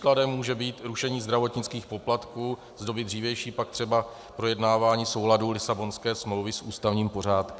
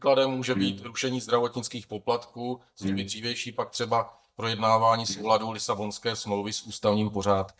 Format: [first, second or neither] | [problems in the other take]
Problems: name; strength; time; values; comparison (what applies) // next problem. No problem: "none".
first | noise reduction (neural mask model DeepFilterNet 3)